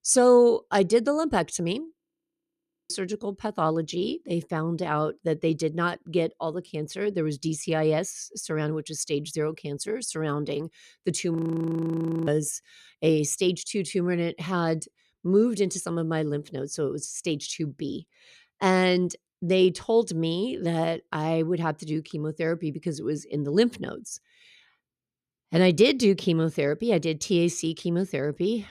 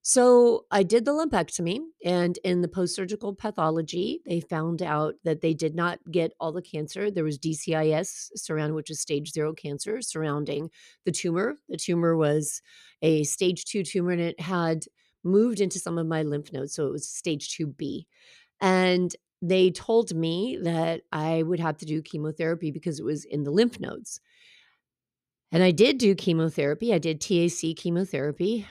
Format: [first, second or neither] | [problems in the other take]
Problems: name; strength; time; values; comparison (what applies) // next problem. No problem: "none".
second | audio freezing; at 2 s for 1 s and at 11 s for 1 s